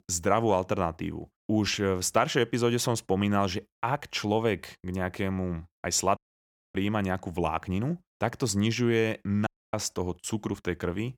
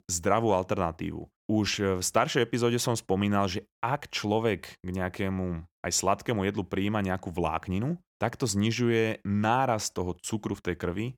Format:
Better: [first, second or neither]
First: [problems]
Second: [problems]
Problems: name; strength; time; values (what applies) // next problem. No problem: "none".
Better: second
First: audio cutting out; at 6 s for 0.5 s and at 9.5 s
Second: none